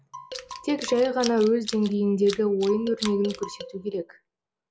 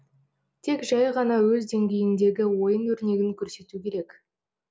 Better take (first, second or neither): second